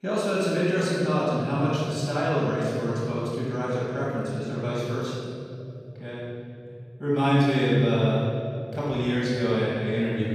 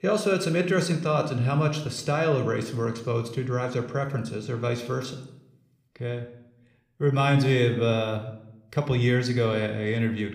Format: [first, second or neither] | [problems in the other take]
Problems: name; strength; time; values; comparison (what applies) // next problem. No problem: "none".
second | room echo; strong; dies away in 3 s; slight in the second // off-mic speech; far